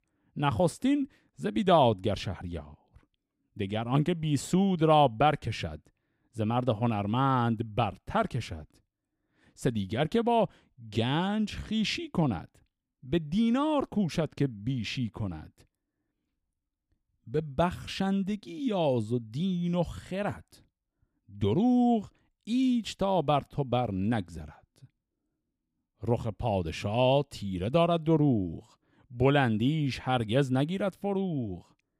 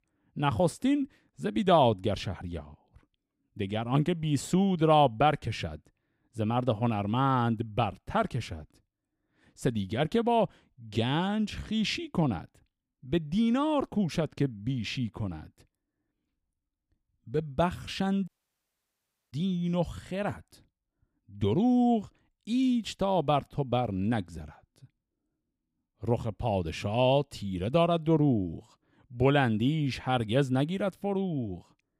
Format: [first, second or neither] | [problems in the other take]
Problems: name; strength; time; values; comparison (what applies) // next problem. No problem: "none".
first | audio cutting out; at 18 s for 1 s